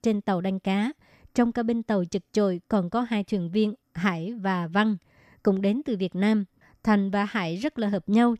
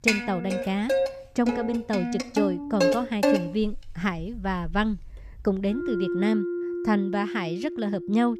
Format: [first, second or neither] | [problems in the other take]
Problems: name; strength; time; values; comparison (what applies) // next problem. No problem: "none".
first | background music; loud; throughout; 1 dB below the speech